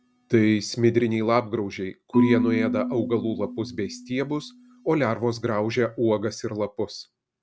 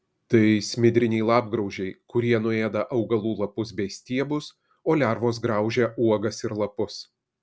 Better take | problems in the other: second | background sound (Marimba, xylophone / Wood); 7 dB below the speech

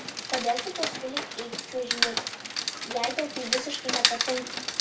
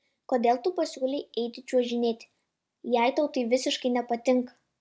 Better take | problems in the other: second | background sound (Rain); 3 dB above the speech // room echo; dies away in 0.2 s

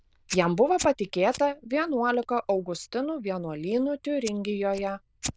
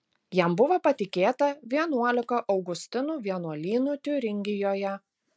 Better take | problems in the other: second | noise reduction (neural diffusion model UNIVERSE++)

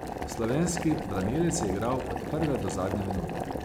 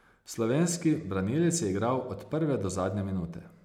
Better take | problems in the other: second | background sound (Boiling); 4 dB below the speech

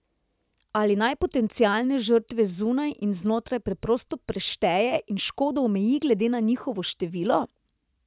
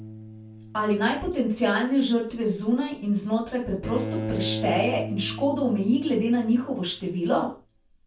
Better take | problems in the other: first | background sound (Bowed string instrument); 11 dB below the speech // room echo; dies away in 0.3 s

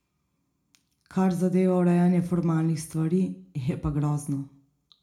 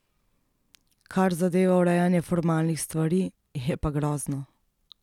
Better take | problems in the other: second | room echo; dies away in 0.3 s

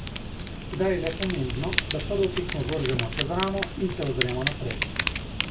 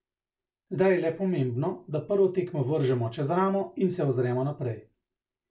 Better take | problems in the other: second | background sound (Fire); 1 dB below the speech

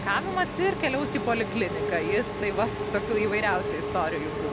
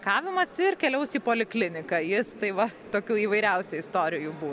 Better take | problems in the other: second | background sound (Engine / Mechanisms); 3 dB below the speech

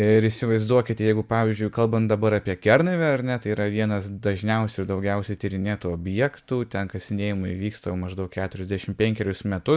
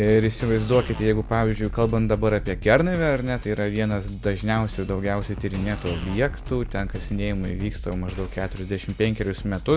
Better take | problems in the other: first | background sound (Drum kit); 9 dB below the speech

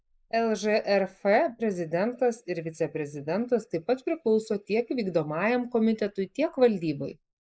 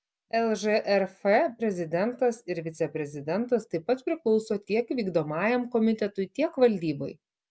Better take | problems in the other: second | noise reduction (neural mask model Resemble Enhance denoiser)

